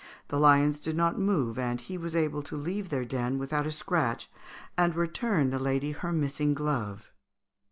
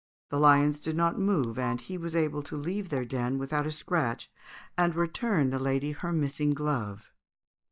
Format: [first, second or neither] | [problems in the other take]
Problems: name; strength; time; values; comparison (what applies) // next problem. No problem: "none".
first | noise reduction (neural mask model DeepFilterNet 3)